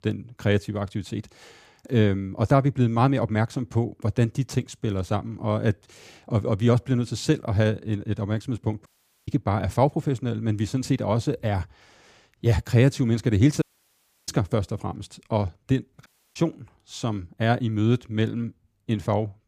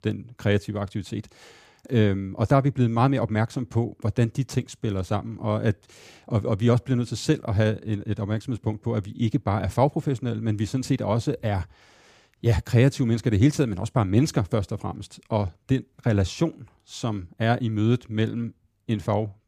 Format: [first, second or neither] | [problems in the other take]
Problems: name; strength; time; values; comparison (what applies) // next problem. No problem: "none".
second | audio cutting out; at 9 s, at 14 s for 0.5 s and at 16 s